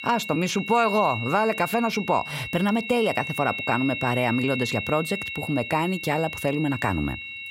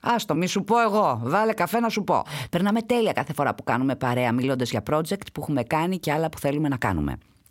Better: second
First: high-pitched whine; loud; throughout; 2.5 kHz, 6 dB below the speech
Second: none

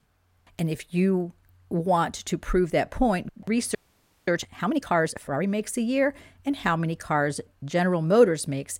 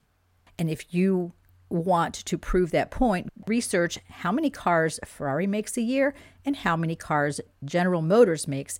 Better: second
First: audio freezing; at 4 s for 0.5 s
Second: none

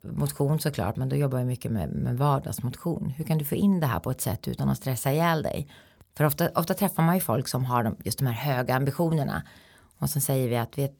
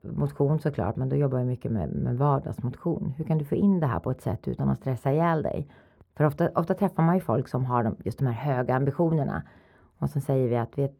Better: first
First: none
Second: muffled; very; fading above 3 kHz

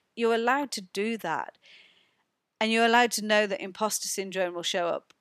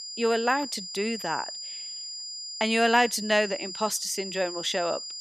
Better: first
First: none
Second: high-pitched whine; loud; throughout; 5 kHz, 9 dB below the speech

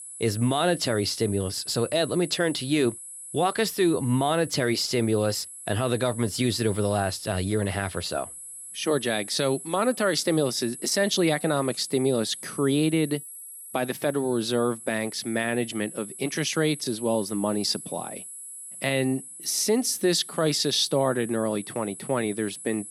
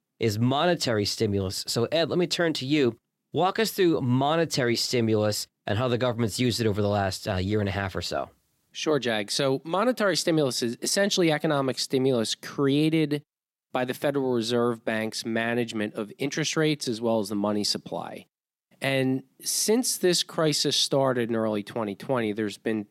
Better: second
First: high-pitched whine; noticeable; throughout; 11 kHz, 10 dB below the speech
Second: none

